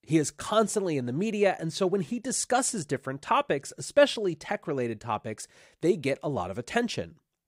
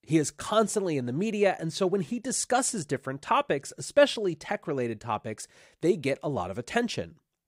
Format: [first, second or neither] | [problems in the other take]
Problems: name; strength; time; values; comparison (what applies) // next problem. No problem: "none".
neither | none